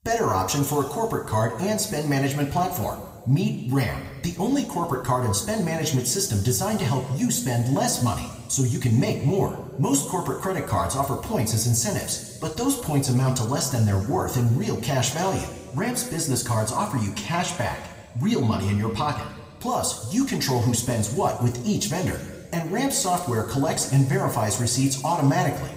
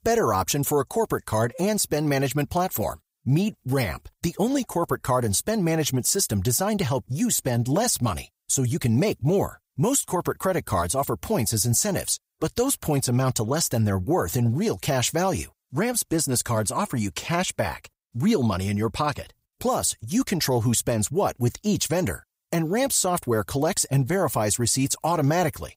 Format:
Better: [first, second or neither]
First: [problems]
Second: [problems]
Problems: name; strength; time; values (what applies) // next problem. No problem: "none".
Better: second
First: room echo; slight; dies away in 1.6 s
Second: none